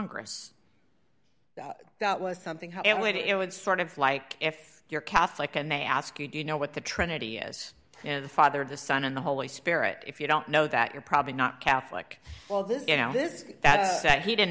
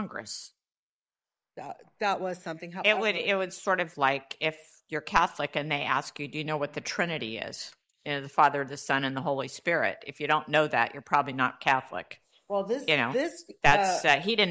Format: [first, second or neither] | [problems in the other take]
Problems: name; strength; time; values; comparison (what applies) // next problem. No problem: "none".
first | noise reduction (neural mask model Resemble Enhance denoiser)